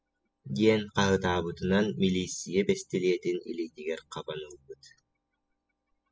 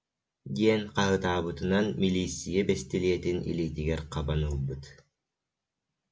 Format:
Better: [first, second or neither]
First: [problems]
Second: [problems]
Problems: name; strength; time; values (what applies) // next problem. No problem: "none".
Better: second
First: noise reduction (classical method spectral subtraction)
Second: none